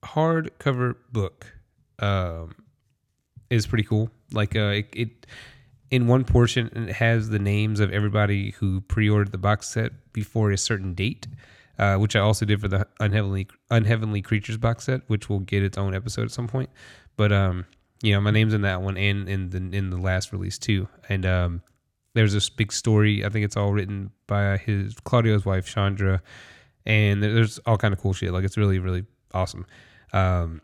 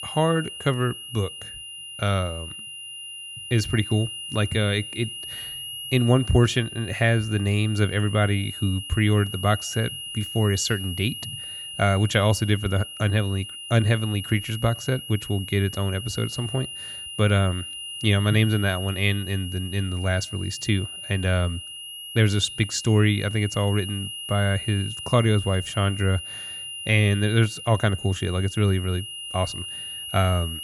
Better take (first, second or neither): first